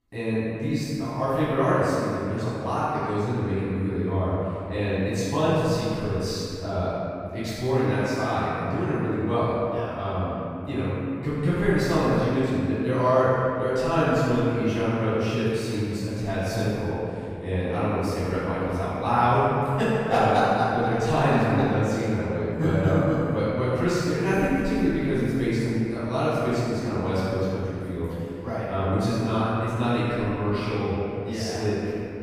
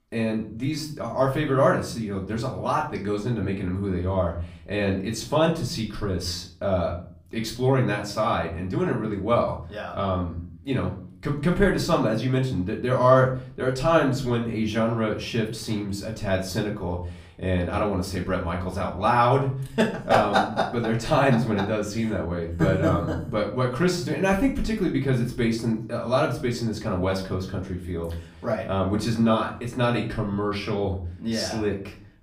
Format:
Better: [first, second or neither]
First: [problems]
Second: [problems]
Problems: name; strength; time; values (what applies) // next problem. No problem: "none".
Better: second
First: room echo; strong; dies away in 2.2 s // off-mic speech; far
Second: room echo; slight; dies away in 0.4 s // off-mic speech; far